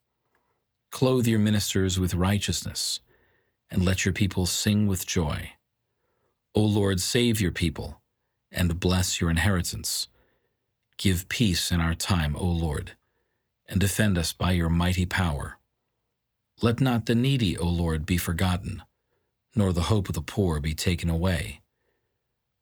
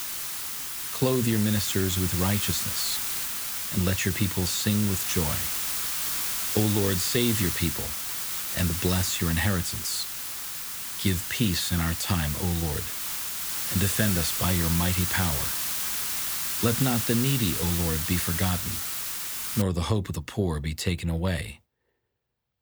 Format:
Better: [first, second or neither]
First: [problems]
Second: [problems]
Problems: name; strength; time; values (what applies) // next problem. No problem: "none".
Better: first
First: none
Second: hiss; loud; until 20 s; as loud as the speech